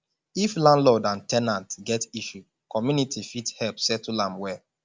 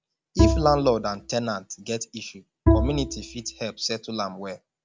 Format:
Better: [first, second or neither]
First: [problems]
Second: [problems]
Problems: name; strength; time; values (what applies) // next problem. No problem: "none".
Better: first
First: none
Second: background sound (Bowed string instrument); 2 dB above the speech